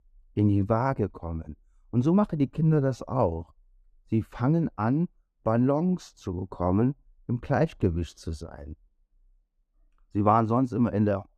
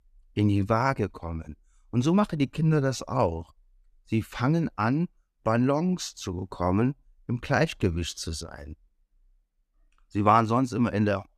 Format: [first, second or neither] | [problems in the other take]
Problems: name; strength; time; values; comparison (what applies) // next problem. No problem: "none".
second | muffled; slightly; fading above 1.5 kHz